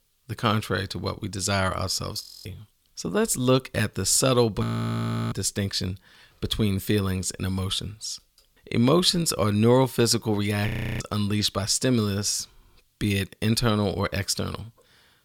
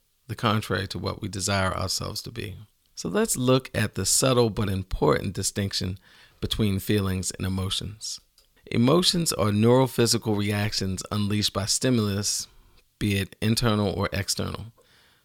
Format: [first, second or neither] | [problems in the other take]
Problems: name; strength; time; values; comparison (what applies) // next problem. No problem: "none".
second | audio freezing; at 2 s, at 4.5 s for 0.5 s and at 11 s